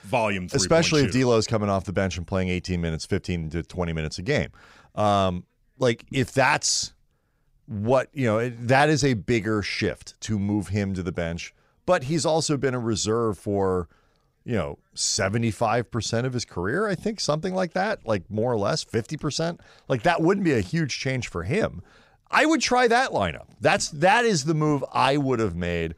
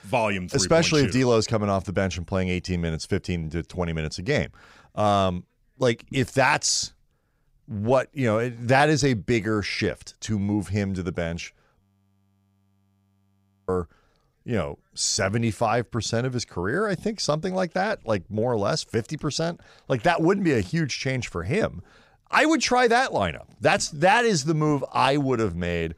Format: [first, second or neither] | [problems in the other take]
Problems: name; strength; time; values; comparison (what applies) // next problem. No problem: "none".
first | audio freezing; at 12 s for 2 s